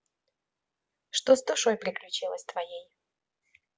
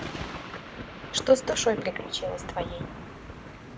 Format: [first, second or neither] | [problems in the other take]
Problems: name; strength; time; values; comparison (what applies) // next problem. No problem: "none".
first | background sound (Thunder / Rain); 8 dB below the speech